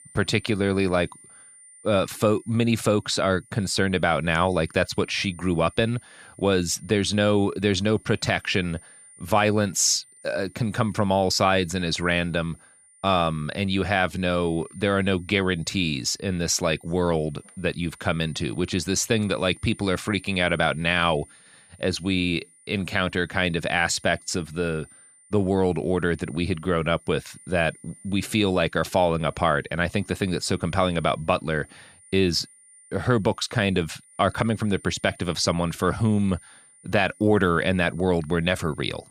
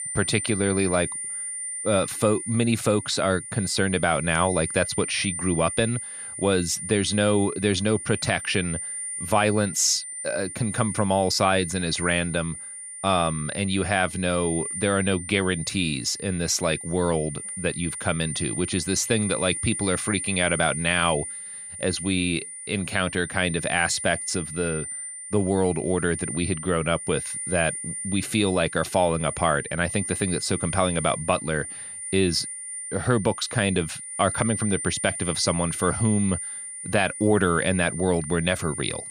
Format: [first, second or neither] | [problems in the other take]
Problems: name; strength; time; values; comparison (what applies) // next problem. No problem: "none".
first | high-pitched whine; loud; throughout; 9 kHz, 7 dB below the speech; faint in the first